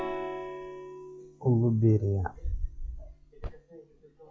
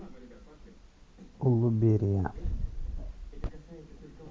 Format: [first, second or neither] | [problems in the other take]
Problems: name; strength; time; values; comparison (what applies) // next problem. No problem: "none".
second | noise reduction (classical method log-MMSE)